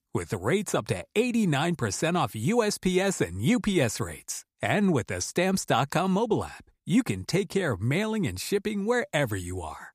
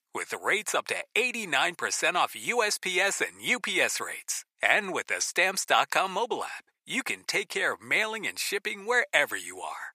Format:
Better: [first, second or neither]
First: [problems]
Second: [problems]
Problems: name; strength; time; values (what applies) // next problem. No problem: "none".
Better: first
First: none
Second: thin; very; fading below 650 Hz